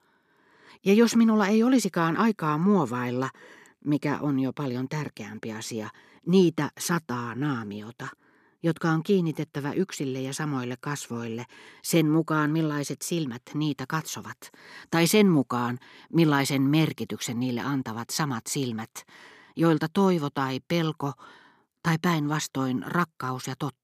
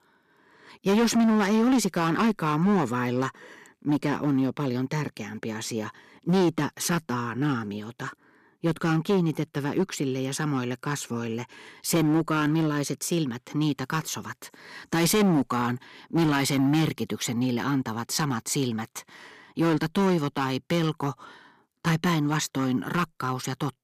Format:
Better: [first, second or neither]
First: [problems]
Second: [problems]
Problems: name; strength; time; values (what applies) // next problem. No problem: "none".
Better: first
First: none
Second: distortion; slight; 7% of the sound clipped